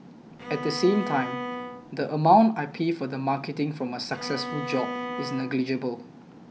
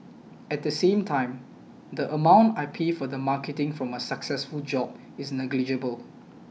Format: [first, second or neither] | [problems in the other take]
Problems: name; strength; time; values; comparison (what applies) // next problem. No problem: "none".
second | background sound (Bowed string instrument); 8 dB below the speech